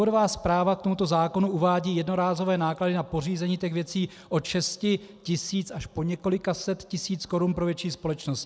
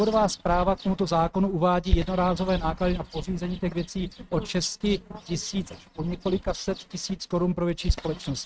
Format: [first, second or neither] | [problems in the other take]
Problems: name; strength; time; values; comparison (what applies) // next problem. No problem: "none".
first | noise reduction (neural mask model RNNoise)